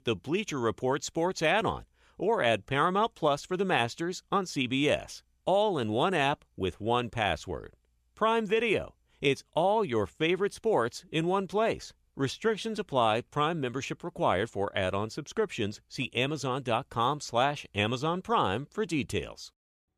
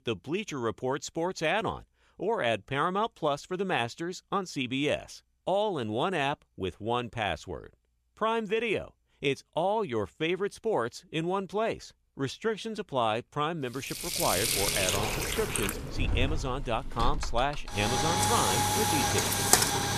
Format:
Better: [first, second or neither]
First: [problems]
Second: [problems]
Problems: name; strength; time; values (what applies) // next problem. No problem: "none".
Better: first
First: none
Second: household noises; very loud; from 14 s on; 4 dB above the speech